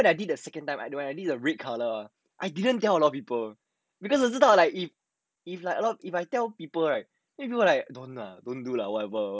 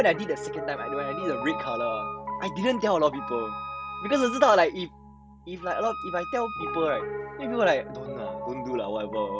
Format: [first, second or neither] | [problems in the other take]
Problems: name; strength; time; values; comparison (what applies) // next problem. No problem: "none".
first | background sound (Wind instrument, woodwind instrument + Piano); 7 dB below the speech